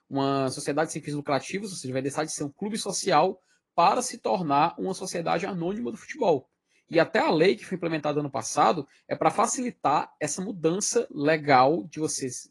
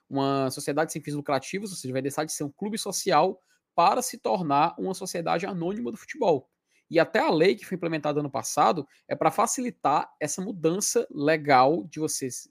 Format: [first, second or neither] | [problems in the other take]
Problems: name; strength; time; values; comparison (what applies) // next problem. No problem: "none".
second | garbled, watery; slightly; nothing above 10.5 kHz